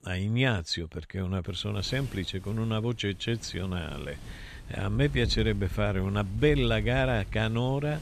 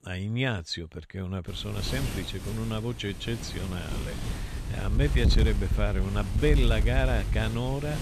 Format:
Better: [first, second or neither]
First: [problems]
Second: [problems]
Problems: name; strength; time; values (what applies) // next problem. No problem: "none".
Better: first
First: wind noise on the microphone; occasional gusts; from 1.5 s on; 20 dB below the speech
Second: wind noise on the microphone; heavy; from 1.5 s on; 8 dB below the speech